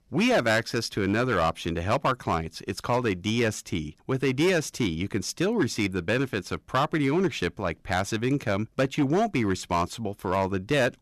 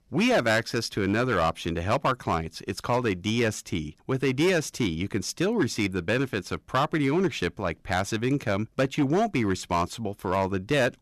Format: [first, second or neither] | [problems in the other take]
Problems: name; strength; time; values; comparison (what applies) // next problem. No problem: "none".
neither | distortion; slight; 6% of the sound clipped; the same in both